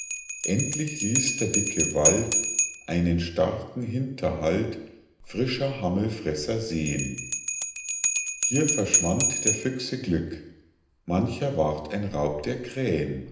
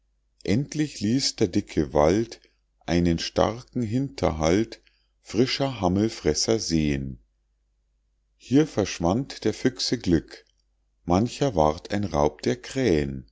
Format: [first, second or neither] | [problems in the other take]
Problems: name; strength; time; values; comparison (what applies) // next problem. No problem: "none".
second | background sound (Bell); 2 dB below the speech // room echo; dies away in 0.9 s